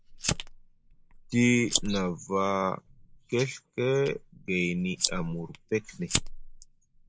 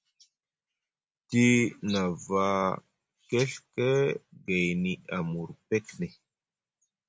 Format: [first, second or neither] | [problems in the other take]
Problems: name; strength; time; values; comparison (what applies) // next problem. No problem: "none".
second | noise reduction (neural mask model Resemble Enhance denoiser)